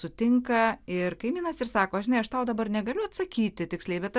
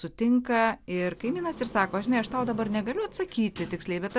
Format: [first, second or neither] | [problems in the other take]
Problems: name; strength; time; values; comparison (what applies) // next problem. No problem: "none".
first | background sound (Sliding door); 16 dB below the speech